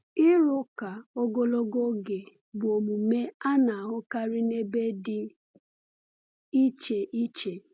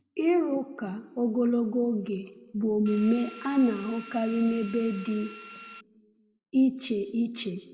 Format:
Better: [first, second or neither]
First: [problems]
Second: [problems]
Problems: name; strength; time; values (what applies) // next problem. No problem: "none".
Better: first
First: none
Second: background sound (Drill); 17 dB below the speech // room echo; dies away in 0.9 s